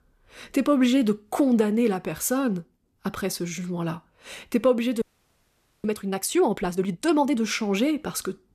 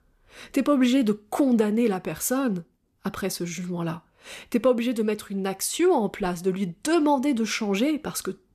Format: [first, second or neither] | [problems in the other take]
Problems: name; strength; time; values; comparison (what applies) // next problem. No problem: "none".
second | audio freezing; at 5 s for 1 s